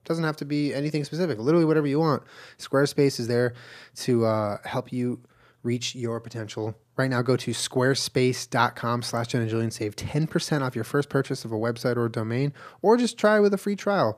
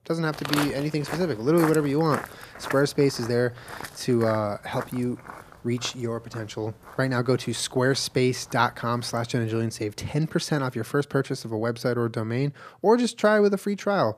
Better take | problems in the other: first | footsteps; noticeable; until 6.5 s; peak 3 dB below the speech

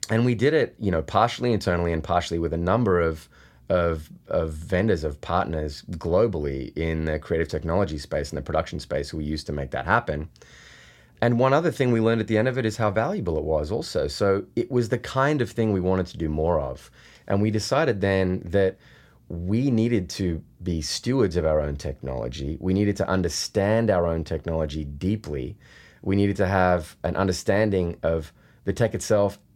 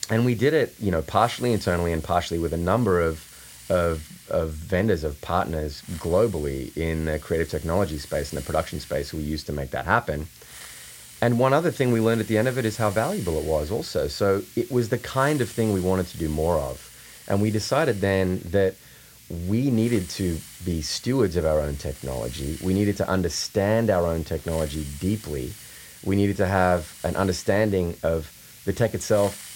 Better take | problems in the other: first | hiss; noticeable; throughout; 15 dB below the speech

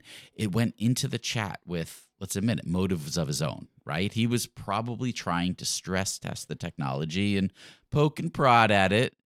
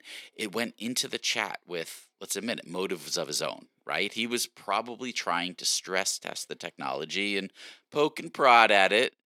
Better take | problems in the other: first | thin; somewhat; fading below 300 Hz

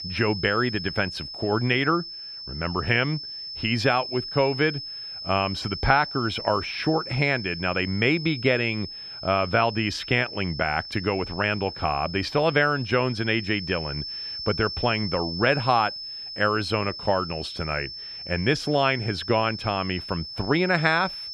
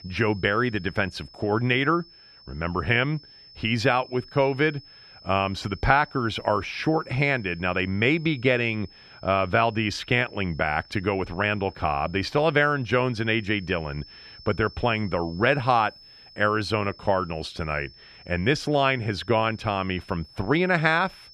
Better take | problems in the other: second | high-pitched whine; loud; throughout; 5.5 kHz, 9 dB below the speech; faint in the second

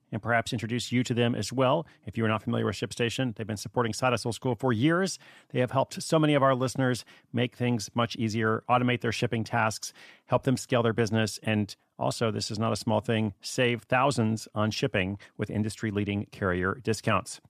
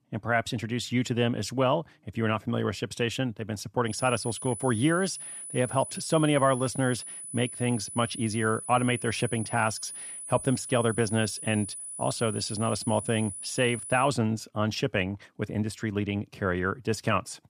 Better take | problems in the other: first | high-pitched whine; loud; from 4 to 14 s; 10 kHz, 8 dB below the speech

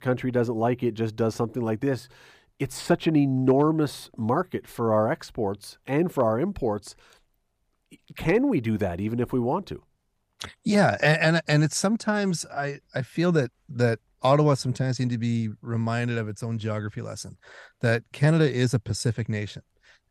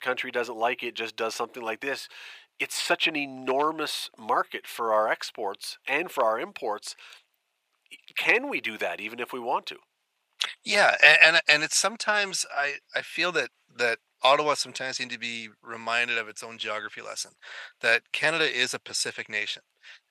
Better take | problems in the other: first | thin; very; fading below 750 Hz

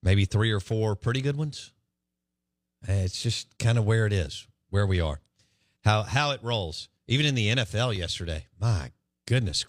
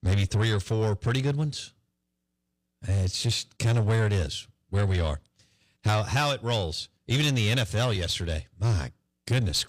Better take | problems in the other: first | distortion; slight; 10 dB below the speech

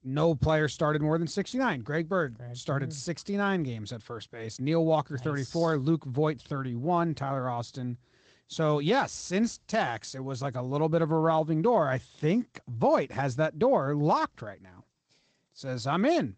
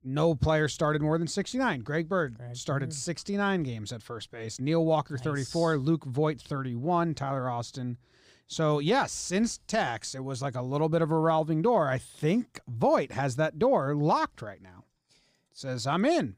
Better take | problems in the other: second | garbled, watery; slightly; nothing above 8 kHz

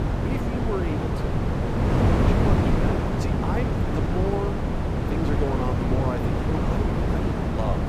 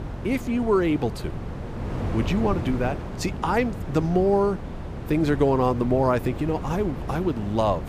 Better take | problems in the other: second | wind noise on the microphone; heavy; 4 dB above the speech; occasional gusts in the second

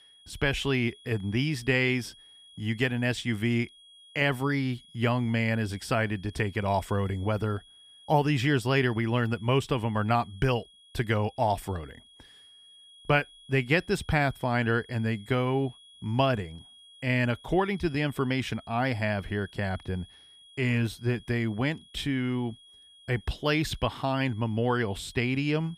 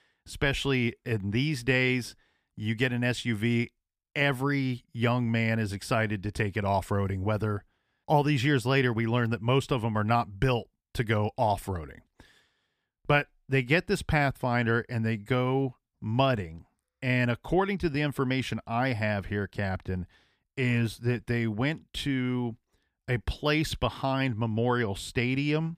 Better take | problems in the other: second | high-pitched whine; faint; throughout; 3.5 kHz, 25 dB below the speech

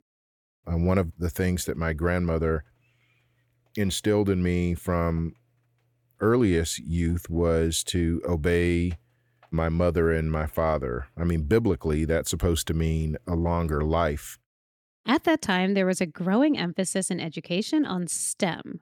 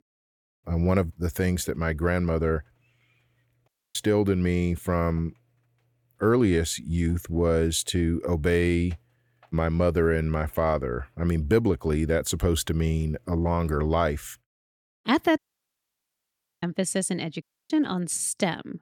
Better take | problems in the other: first | audio cutting out; at 3.5 s, at 15 s for 1 s and at 17 s

